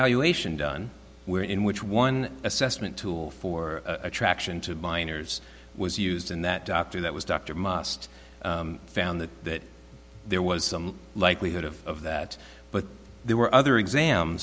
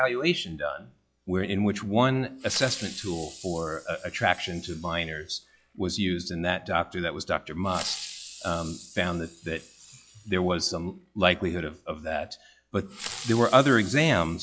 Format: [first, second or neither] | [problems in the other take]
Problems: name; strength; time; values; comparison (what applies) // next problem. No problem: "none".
first | noise reduction (classical method log-MMSE)